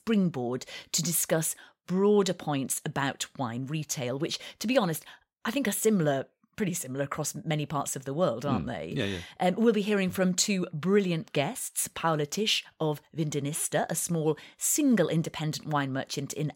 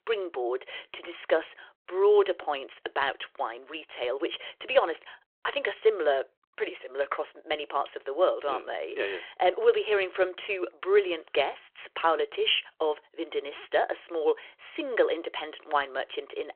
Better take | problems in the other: first | phone-call audio

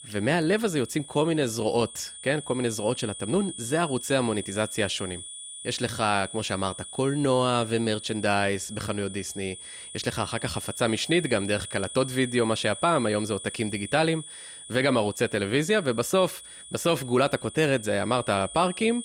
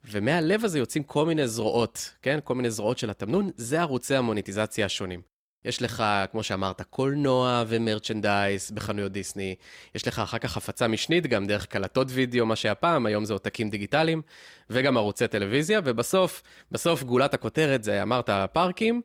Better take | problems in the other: second | high-pitched whine; noticeable; throughout; 9 kHz, 10 dB below the speech

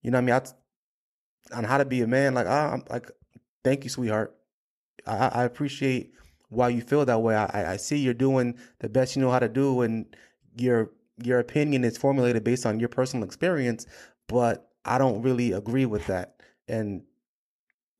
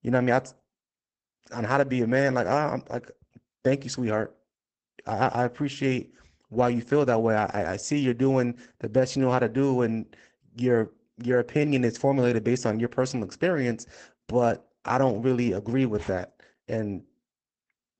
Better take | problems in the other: first | garbled, watery; badly; nothing above 8 kHz

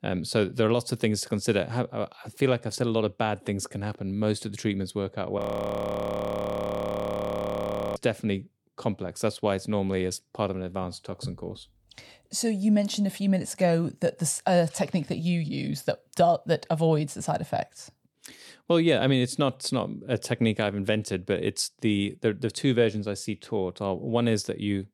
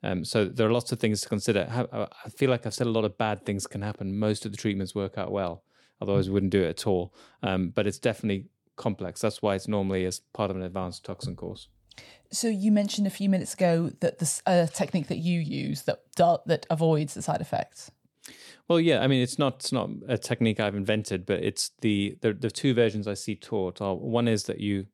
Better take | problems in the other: second | audio freezing; at 5.5 s for 2.5 s

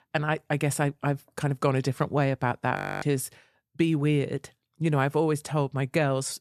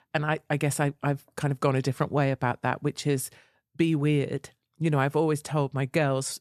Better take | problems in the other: second | audio freezing; at 3 s

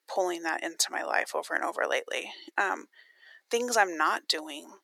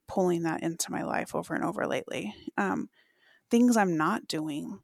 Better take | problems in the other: second | thin; very; fading below 450 Hz

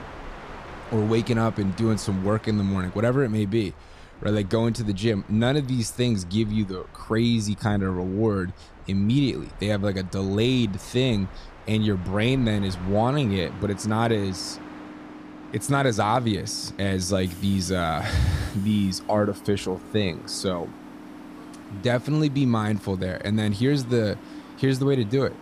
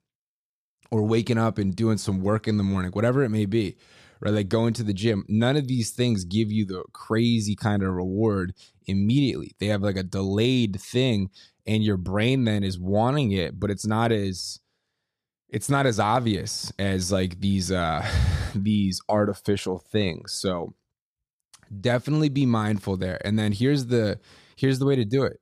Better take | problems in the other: second | train or aircraft noise; noticeable; throughout; 20 dB below the speech

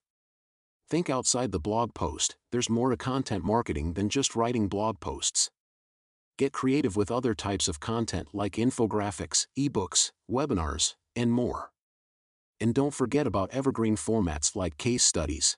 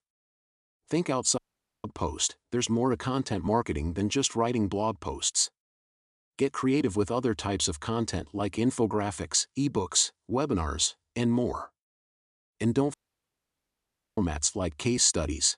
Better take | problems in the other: first | audio cutting out; at 1.5 s and at 13 s for 1 s

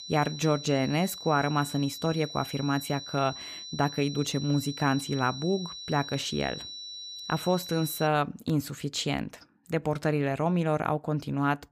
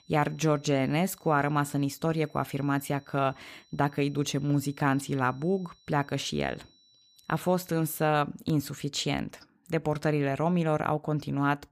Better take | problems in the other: second | high-pitched whine; loud; until 8 s; 4 kHz, 10 dB below the speech; faint in the second

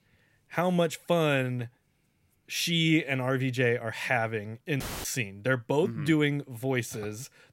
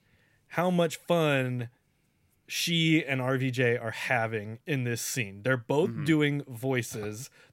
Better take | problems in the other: second | audio cutting out; filled with static; at 5 s

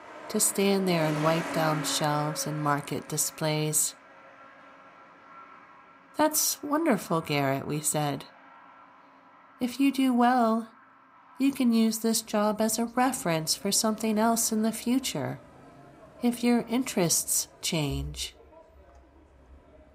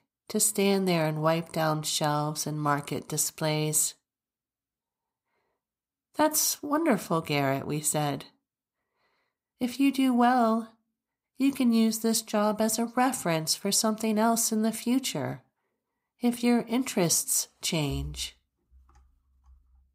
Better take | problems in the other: second | traffic noise; noticeable; throughout; 15 dB below the speech

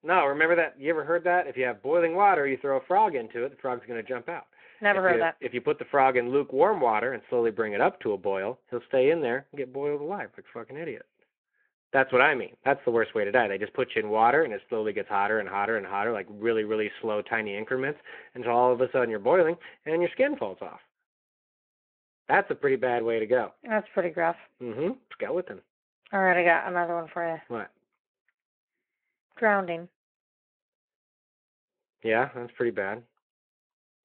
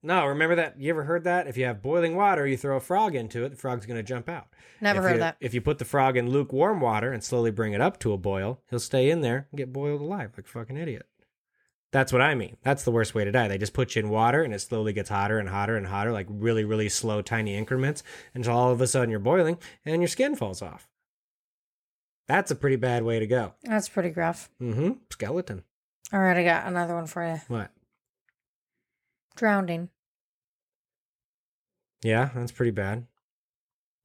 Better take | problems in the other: second | phone-call audio

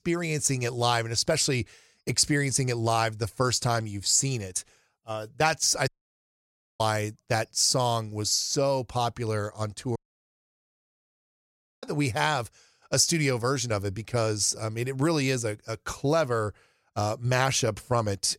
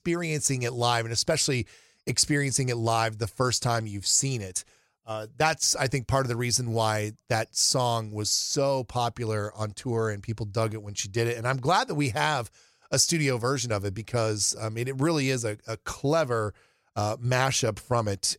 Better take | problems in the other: second | audio cutting out; at 6 s for 1 s and at 10 s for 2 s

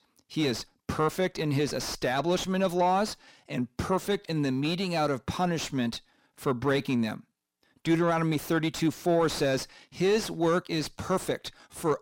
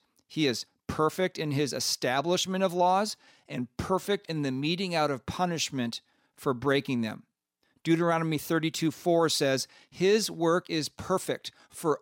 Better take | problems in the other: second | distortion; slight; 10 dB below the speech

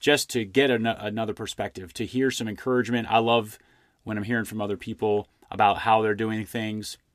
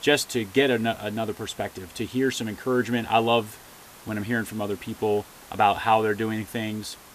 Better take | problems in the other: first | hiss; faint; throughout; 20 dB below the speech

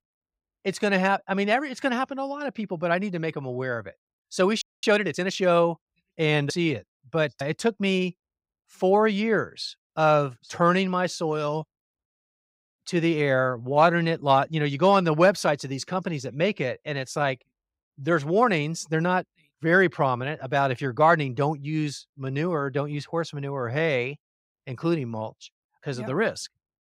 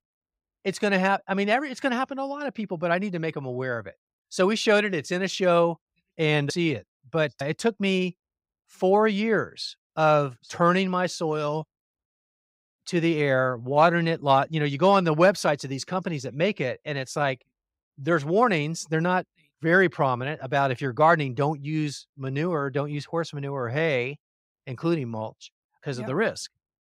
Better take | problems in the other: second | audio freezing; at 4.5 s

